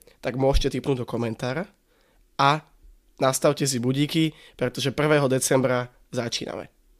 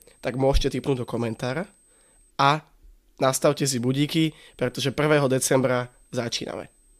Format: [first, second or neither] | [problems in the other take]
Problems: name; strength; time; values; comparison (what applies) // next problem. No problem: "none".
first | high-pitched whine; faint; until 2.5 s and from 3.5 s on; 8.5 kHz, 35 dB below the speech